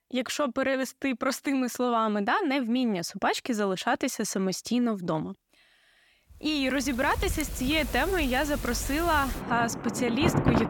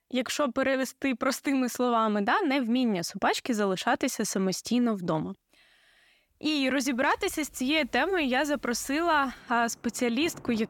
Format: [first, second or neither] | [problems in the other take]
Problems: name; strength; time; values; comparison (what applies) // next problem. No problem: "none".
second | rain or running water; loud; from 7 s on; 5 dB below the speech; faint in the second